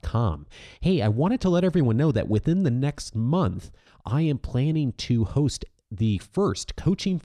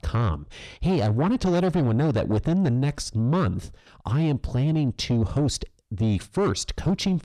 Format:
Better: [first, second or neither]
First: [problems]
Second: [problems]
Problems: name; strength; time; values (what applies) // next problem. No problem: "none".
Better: first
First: none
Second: distortion; slight; 10 dB below the speech